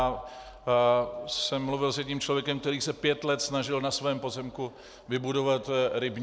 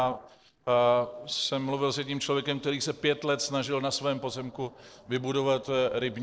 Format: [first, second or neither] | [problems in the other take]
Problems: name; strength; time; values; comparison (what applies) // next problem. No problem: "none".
first | noise reduction (neural separator model SepFormer DNS4)